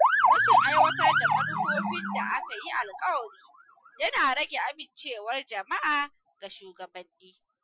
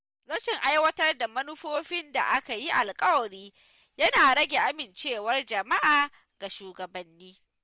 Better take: second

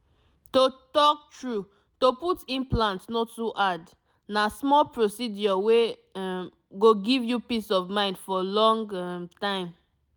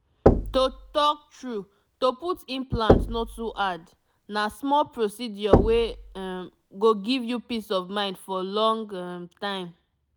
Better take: first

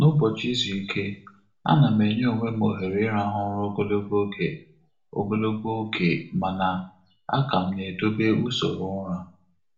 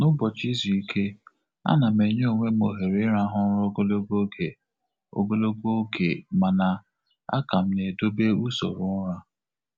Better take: second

